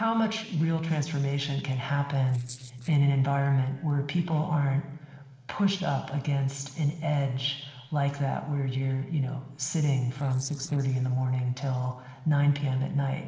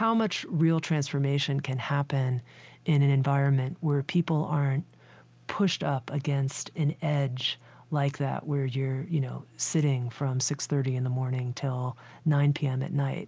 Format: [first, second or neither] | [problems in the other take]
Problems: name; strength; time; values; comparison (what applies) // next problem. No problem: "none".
second | noise reduction (neural separator model SepFormer DNS4)